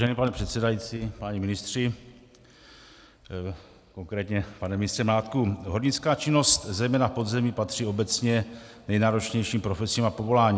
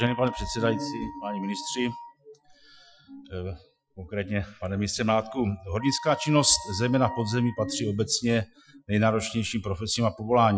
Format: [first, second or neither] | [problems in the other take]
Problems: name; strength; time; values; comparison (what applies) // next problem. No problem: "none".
first | noise reduction (classical method Wiener filter)